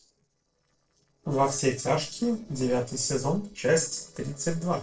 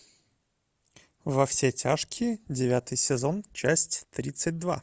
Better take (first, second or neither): second